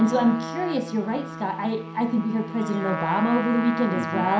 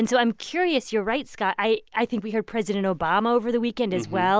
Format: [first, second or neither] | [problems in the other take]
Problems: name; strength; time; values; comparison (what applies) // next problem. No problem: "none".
second | background sound (Trumpet); 8 dB below the speech // room echo; dies away in 0.5 s